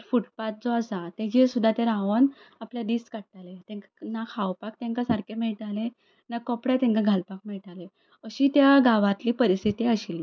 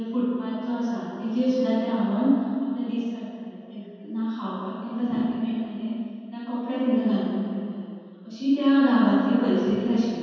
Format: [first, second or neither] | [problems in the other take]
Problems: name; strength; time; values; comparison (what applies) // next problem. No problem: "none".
first | room echo; dies away in 2.1 s